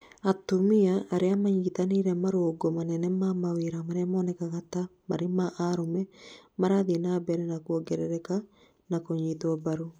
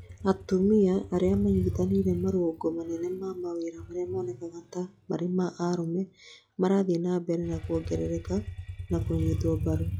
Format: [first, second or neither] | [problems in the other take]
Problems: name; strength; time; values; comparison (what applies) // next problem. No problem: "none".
first | noise reduction (classical method log-MMSE)